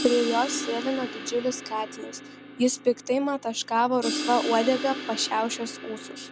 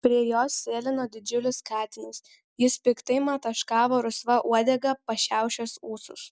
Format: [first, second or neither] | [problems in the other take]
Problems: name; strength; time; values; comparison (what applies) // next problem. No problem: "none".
second | background sound (Crash cymbal); 8 dB below the speech